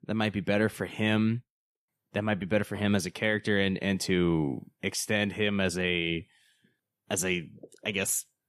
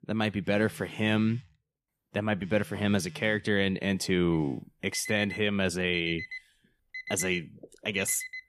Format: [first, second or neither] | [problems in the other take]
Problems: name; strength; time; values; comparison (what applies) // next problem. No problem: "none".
first | alarms or sirens; noticeable; throughout; 15 dB below the speech